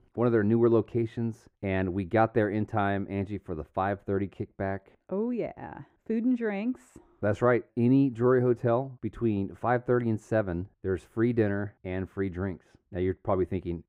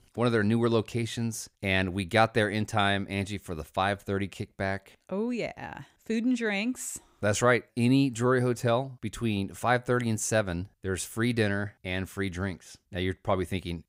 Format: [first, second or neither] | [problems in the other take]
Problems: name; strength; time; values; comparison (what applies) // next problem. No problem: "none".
second | muffled; very; fading above 2.5 kHz